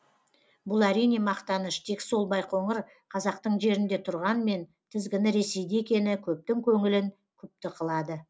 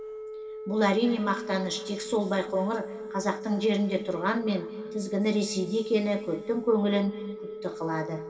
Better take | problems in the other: first | background sound (Telephone); 11 dB below the speech // room echo; dies away in 2.8 s

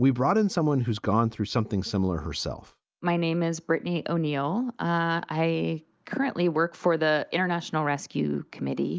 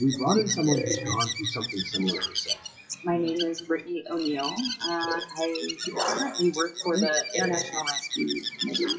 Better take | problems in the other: first | noise reduction (classical method WPE with log-MMSE)

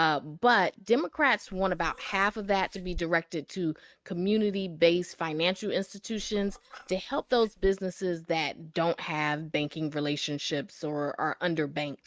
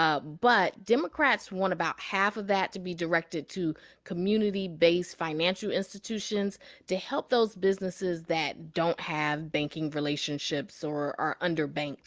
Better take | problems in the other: second | noise reduction (neural mask model RNNoise)

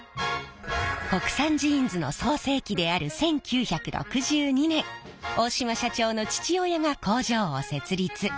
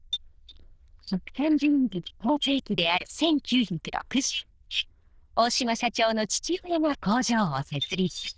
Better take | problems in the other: first | noise reduction (neural diffusion model UNIVERSE++)

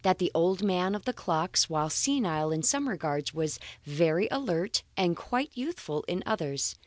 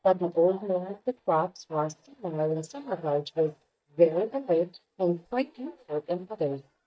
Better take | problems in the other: first | noise reduction (neural mask model DeepFilterNet 3)

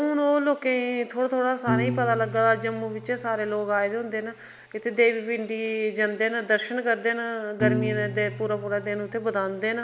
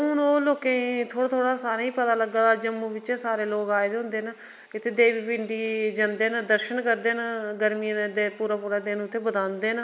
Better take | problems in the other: second | background sound (Piano); 9 dB below the speech

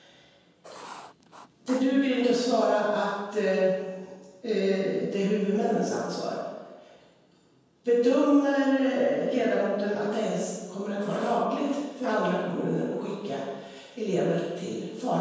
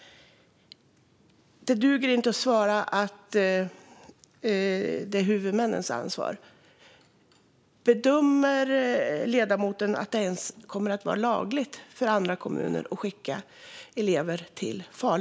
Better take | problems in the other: second | background sound (Writing); 18 dB below the speech // room echo; dies away in 1.2 s

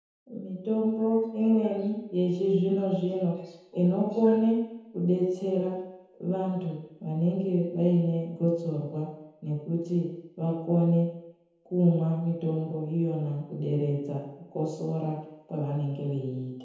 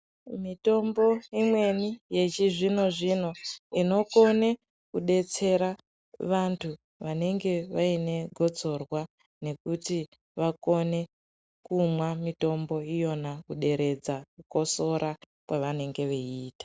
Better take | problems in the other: second | room echo; dies away in 0.9 s

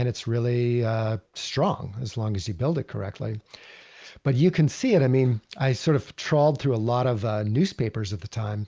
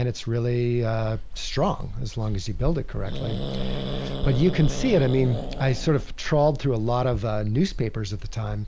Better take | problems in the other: first | background sound (Growling); 5 dB below the speech

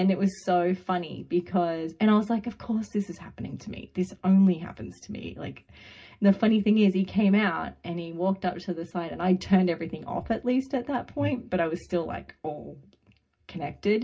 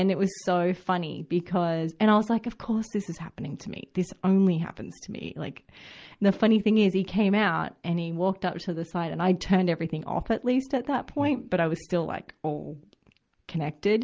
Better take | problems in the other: second | room echo; dies away in 0.4 s

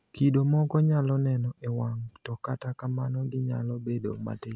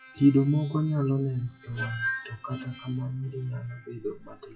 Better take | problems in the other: first | noise reduction (classical method WPE with log-MMSE)

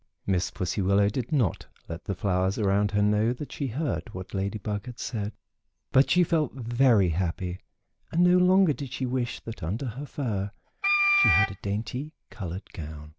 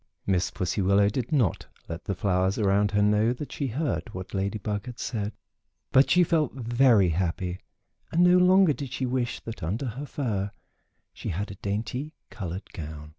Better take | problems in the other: second | background sound (Wind instrument, woodwind instrument); as loud as the speech

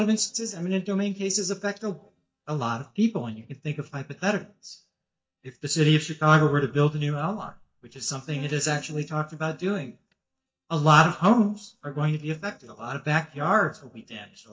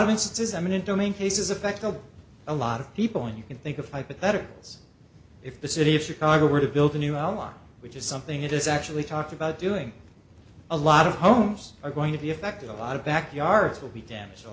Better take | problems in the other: second | noise reduction (neural mask model DeepFilterNet 3)

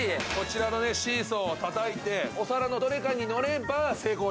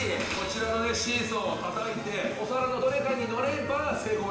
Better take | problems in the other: first | room echo; dies away in 1.1 s

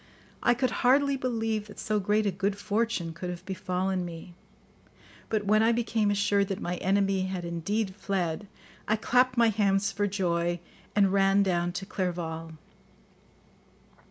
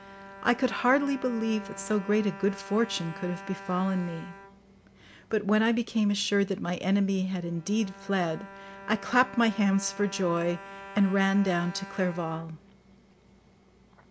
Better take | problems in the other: first | background sound (Bowed string instrument); 17 dB below the speech

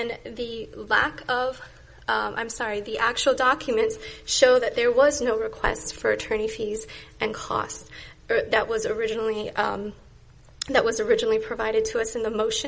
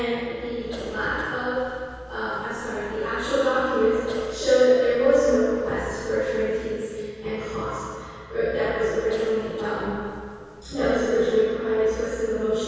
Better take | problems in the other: first | background sound (Cough); 19 dB below the speech // room echo; dies away in 2 s

